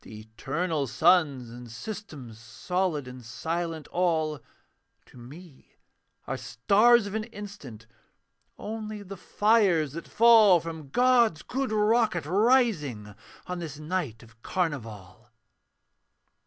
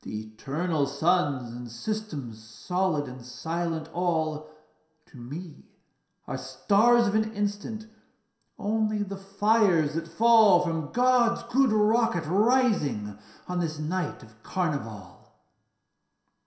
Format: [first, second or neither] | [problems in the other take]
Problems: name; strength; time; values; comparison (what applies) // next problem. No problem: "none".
first | room echo; dies away in 0.7 s